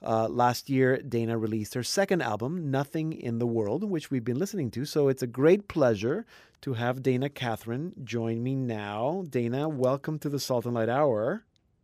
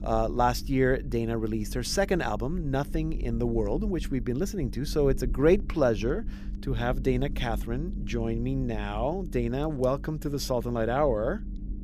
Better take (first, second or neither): first